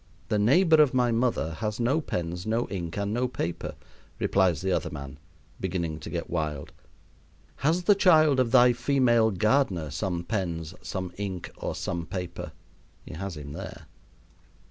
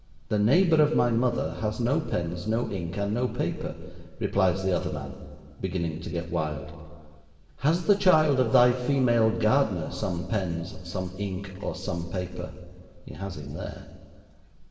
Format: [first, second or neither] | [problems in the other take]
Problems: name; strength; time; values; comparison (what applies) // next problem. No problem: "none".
first | room echo; dies away in 1.7 s